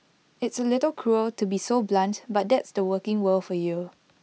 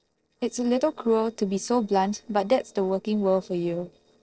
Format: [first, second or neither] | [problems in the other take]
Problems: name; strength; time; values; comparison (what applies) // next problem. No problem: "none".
first | noise reduction (neural separator model SepFormer DNS4)